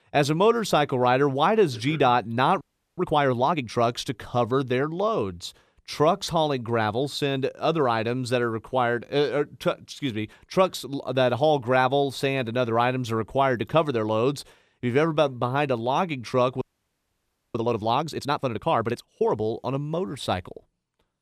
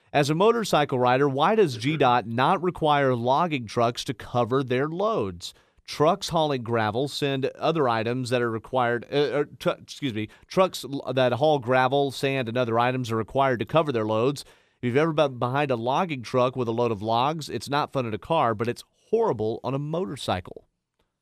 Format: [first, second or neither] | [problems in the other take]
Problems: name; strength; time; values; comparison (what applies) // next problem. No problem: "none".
second | audio freezing; at 2.5 s and at 17 s for 1 s